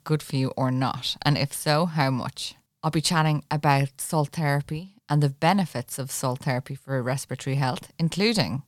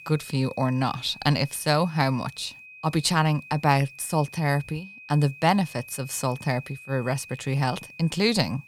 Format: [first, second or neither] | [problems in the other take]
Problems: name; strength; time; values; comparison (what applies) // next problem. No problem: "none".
first | high-pitched whine; noticeable; throughout; 2.5 kHz, 20 dB below the speech